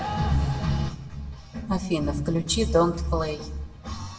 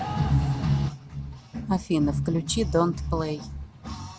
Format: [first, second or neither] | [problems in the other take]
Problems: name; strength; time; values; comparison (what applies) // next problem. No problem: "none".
second | room echo; dies away in 0.6 s